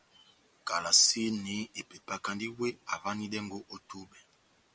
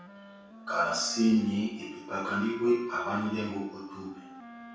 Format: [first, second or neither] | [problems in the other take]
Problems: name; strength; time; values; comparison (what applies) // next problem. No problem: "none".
first | background sound (Wind instrument, woodwind instrument); 15 dB below the speech // room echo; dies away in 0.7 s